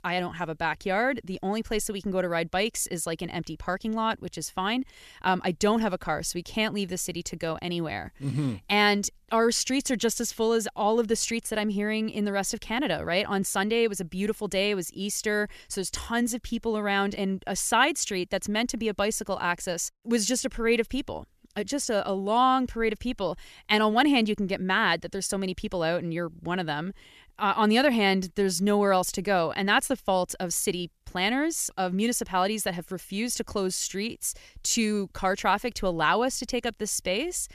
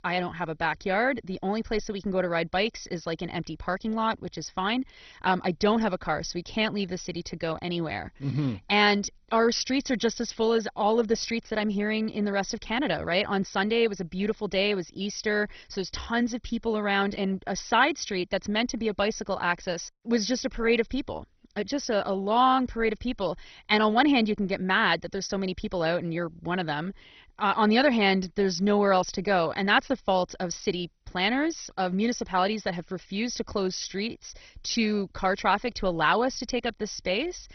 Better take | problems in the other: first | garbled, watery; badly; nothing above 6 kHz

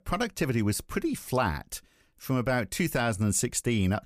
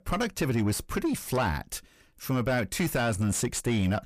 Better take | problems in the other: first | distortion; slight; 10 dB below the speech

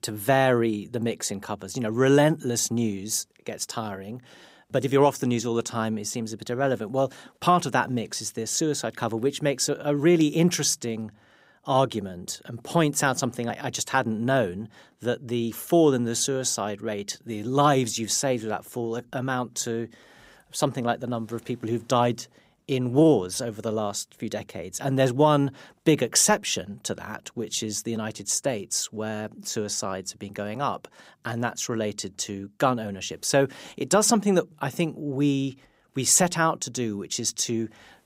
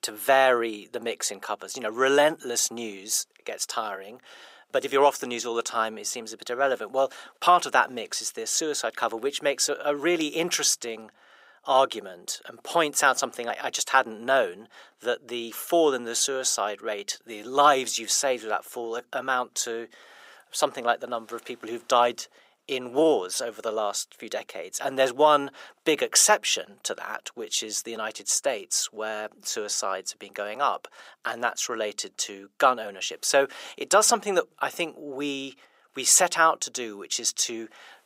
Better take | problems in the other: first | thin; very; fading below 550 Hz

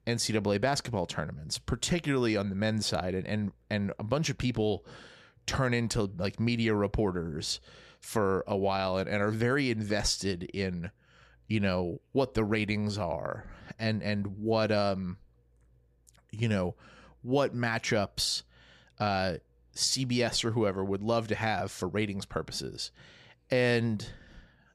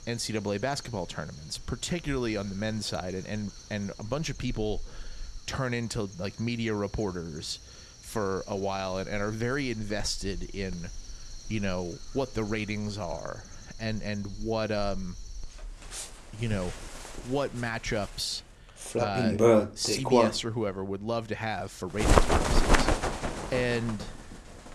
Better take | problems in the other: first | animal sounds; very loud; throughout; 4 dB above the speech

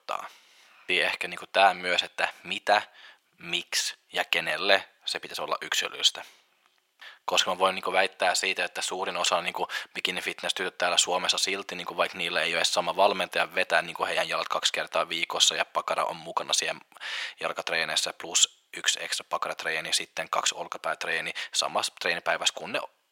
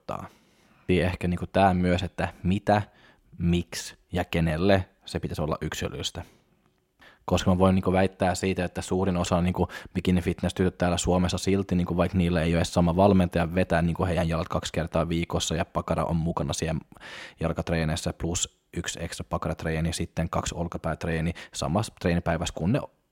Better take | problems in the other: second | thin; very; fading below 800 Hz

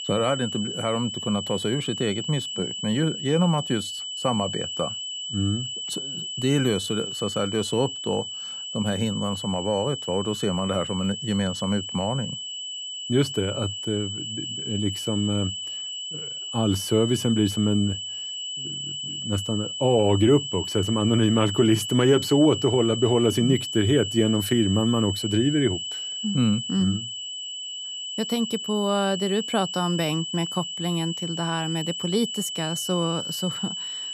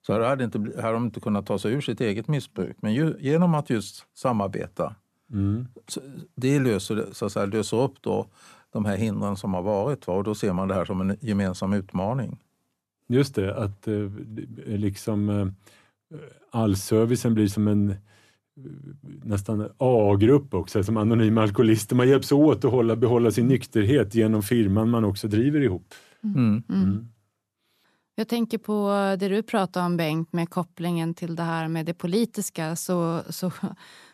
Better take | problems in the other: second | high-pitched whine; loud; throughout; 3 kHz, 5 dB below the speech

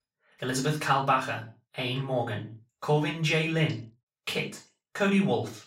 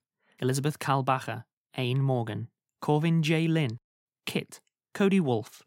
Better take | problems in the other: second | room echo; slight; dies away in 0.3 s // off-mic speech; far

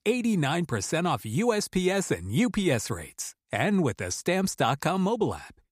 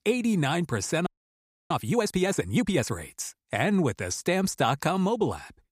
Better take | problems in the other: first | audio freezing; at 1 s for 0.5 s

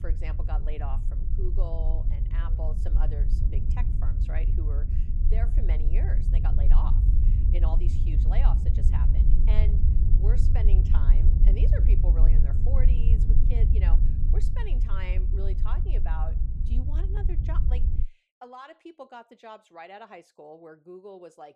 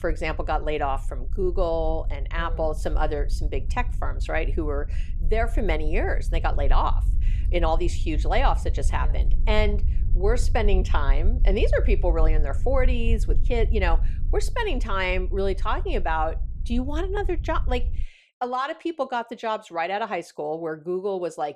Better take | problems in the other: second | low rumble; loud; until 18 s; 2 dB below the speech; faint in the second

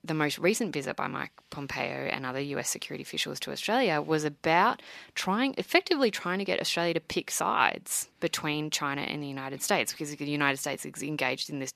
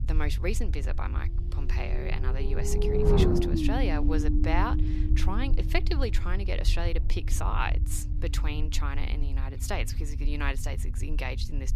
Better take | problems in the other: first | low rumble; loud; throughout; 1 dB below the speech

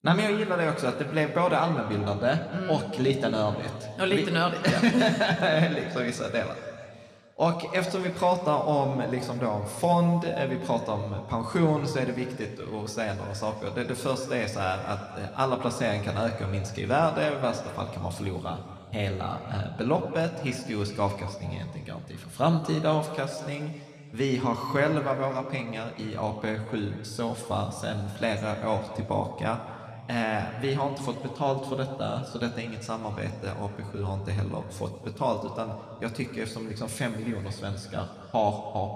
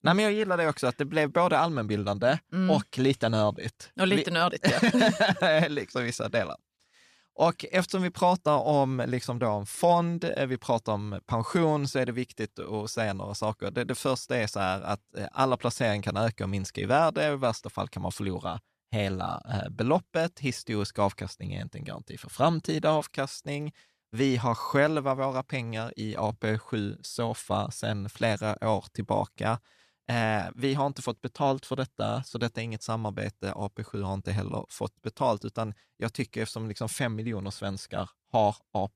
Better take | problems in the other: second | room echo; slight; dies away in 2.3 s

